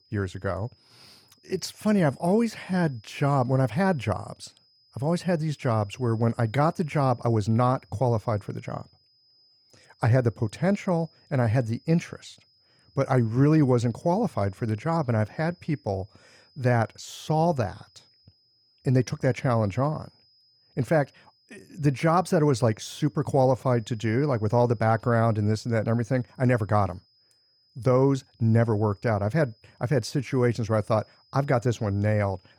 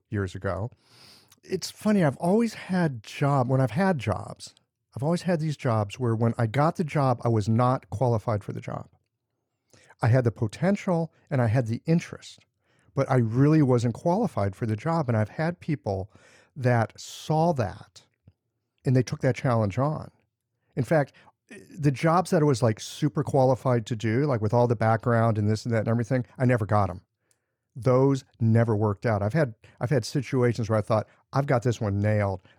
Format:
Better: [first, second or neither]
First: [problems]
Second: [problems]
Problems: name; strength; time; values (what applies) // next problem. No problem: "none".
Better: second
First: high-pitched whine; faint; throughout; 5 kHz, 35 dB below the speech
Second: none